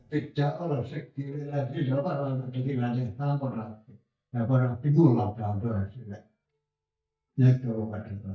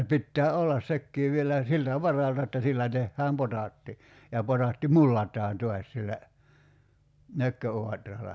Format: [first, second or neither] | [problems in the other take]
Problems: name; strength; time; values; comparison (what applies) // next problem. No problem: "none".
second | noise reduction (neural mask model DeepFilterNet 3)